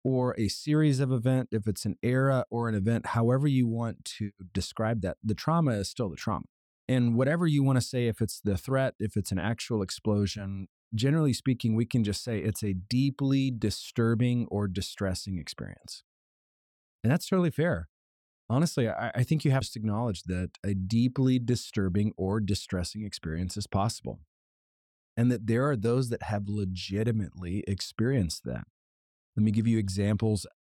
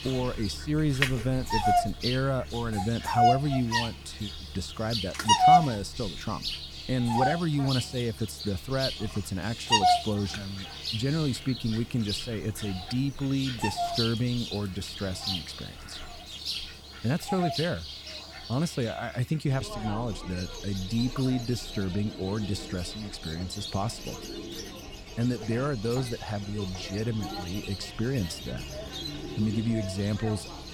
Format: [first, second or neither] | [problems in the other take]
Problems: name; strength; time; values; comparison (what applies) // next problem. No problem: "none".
first | animal sounds; loud; throughout; 1 dB below the speech